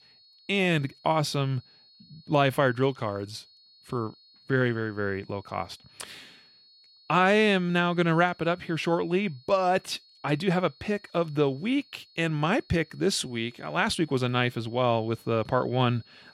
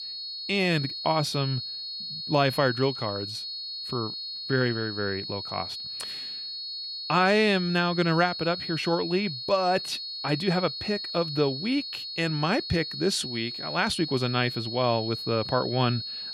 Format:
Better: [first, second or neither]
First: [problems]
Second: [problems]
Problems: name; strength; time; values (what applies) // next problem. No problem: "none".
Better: first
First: high-pitched whine; faint; throughout; 4.5 kHz, 30 dB below the speech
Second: high-pitched whine; loud; throughout; 4.5 kHz, 6 dB below the speech